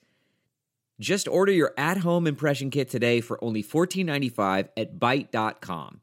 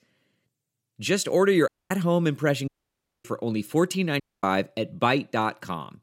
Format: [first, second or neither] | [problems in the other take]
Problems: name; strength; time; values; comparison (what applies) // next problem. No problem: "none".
first | audio cutting out; at 1.5 s, at 2.5 s for 0.5 s and at 4 s